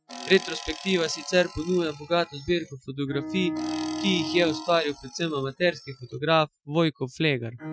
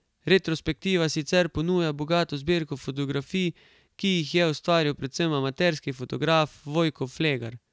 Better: second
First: noise reduction (classical method Wiener filter)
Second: none

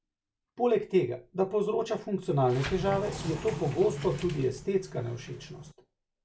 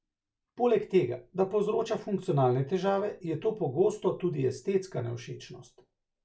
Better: second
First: background sound (Sliding door); 9 dB below the speech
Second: none

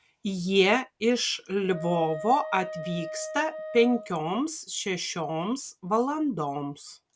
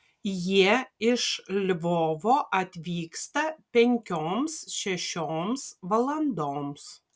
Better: second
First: background sound (Wind instrument, woodwind instrument); 11 dB below the speech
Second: none

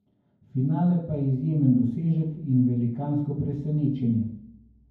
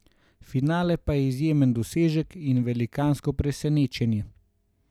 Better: second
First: room echo; dies away in 0.9 s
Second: none

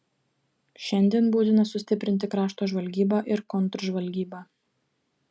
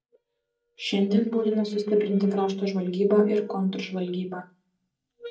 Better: first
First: none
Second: noise reduction (neural mask model DeepFilterNet 3)

